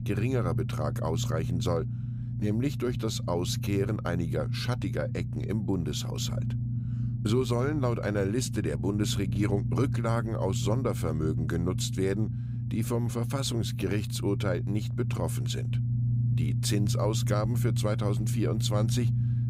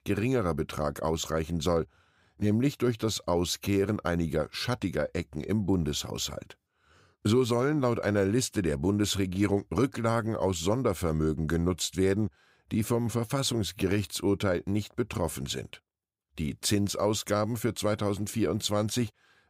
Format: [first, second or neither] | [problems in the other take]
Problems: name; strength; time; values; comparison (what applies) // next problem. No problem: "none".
second | low rumble; loud; throughout; 9 dB below the speech